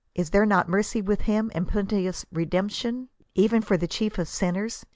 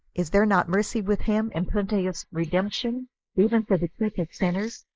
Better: first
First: none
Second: noise reduction (neural mask model Resemble Enhance denoiser)

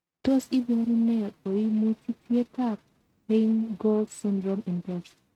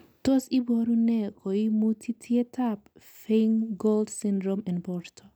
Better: second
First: noise reduction (neural mask model RNNoise)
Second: none

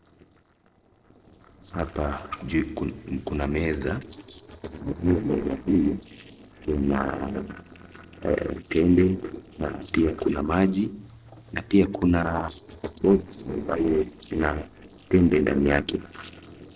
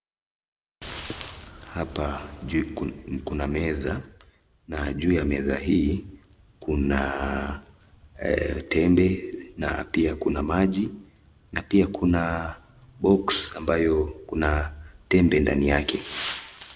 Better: second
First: noise reduction (neural separator model SepFormer DNS4)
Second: none

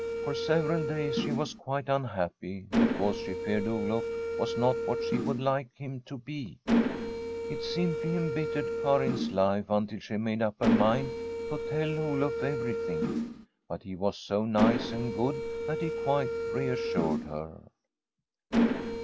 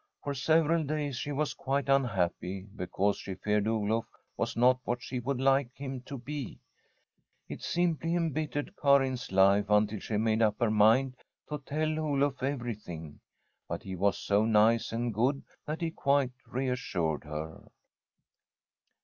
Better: second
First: background sound (Mechanisms); as loud as the speech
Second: none

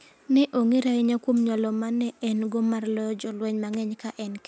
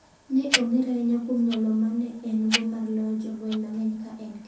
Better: first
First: none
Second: background sound (Tick-tock); 8 dB below the speech // room echo; dies away in 0.5 s

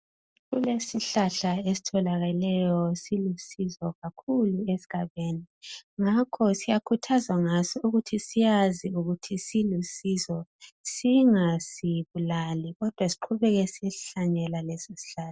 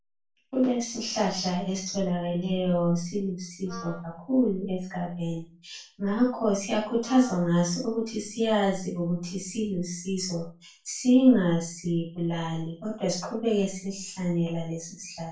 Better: first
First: none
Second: background sound (Wind instrument, woodwind instrument); 19 dB below the speech // room echo; dies away in 0.3 s

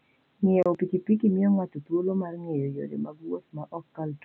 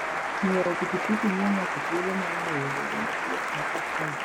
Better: first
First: none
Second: background sound (Applause); 1 dB above the speech

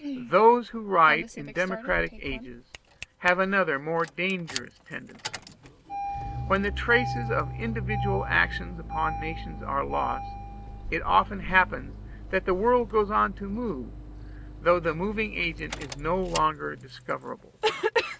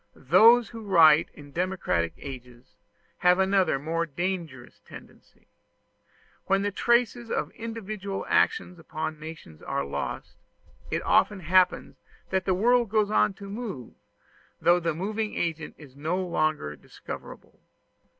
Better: second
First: background sound (Engine starting); 8 dB below the speech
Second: none

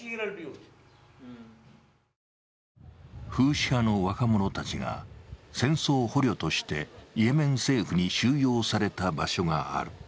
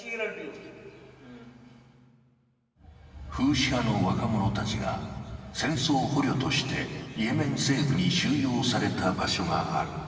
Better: first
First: none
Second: room echo; dies away in 2.6 s

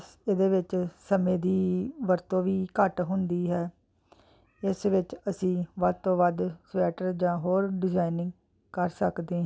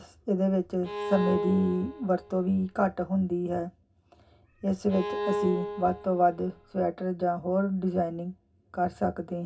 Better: first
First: none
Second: background sound (Bowed string instrument); 6 dB below the speech // room echo; dies away in 0.4 s

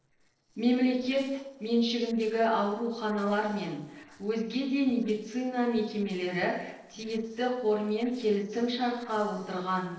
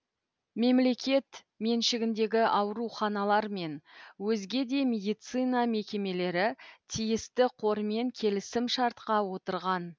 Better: second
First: noise reduction (neural separator model SepFormer DNS4)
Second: none

